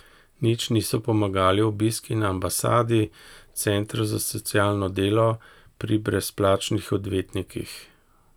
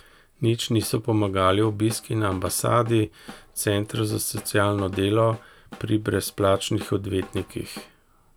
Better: first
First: none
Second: background sound (Drum / Drum kit); 19 dB below the speech

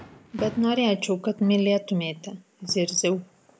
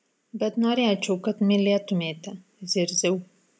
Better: second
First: background sound (Fireworks); 19 dB below the speech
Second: none

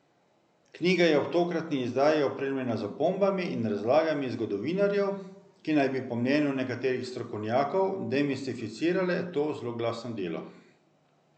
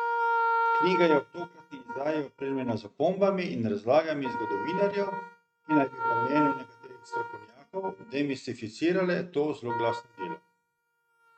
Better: first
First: none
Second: noise reduction (neural mask model RNNoise)

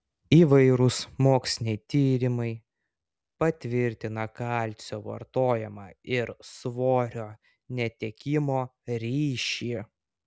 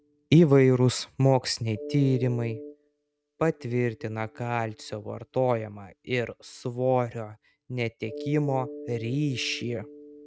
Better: first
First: none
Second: noise reduction (neural mask model RNNoise)

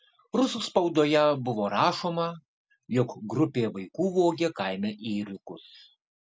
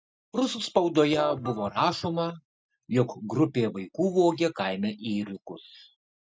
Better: first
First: none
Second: noise reduction (neural mask model DeepFilterNet 3)

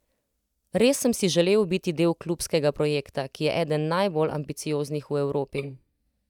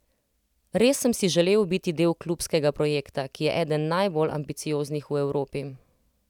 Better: second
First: noise reduction (neural mask model DeepFilterNet 3)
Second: none

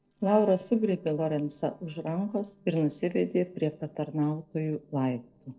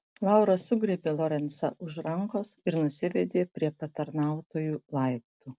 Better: second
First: noise reduction (neural separator model SepFormer DNS4)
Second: none

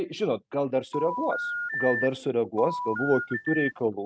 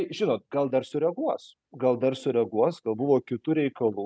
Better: second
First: noise reduction (neural mask model RNNoise)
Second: none

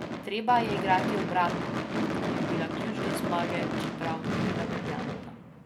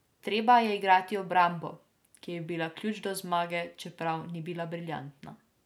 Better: second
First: background sound (Gunshot, gunfire / Fireworks); 1 dB above the speech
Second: none

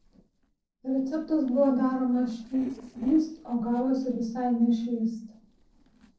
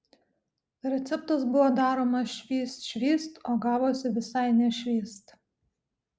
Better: second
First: noise reduction (neural separator model SepFormer DNS4)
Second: none

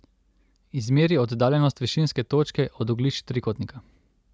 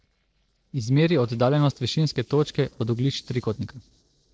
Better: first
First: none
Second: noise reduction (neural separator model SepFormer DNS4)

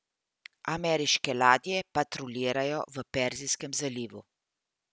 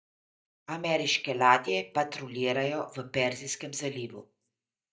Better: first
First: none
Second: noise reduction (neural mask model DeepFilterNet 3)

